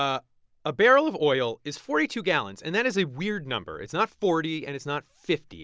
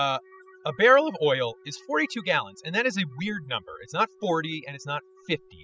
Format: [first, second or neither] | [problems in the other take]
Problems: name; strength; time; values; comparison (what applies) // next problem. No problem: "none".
first | noise reduction (classical method spectral subtraction)